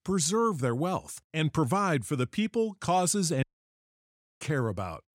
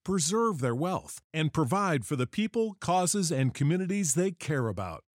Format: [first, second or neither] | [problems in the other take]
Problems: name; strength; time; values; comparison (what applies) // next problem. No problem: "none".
second | audio cutting out; at 3.5 s for 1 s